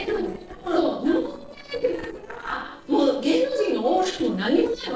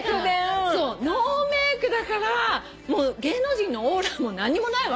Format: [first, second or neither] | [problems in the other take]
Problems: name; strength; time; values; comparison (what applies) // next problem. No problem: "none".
second | noise reduction (neural separator model SepFormer DNS4)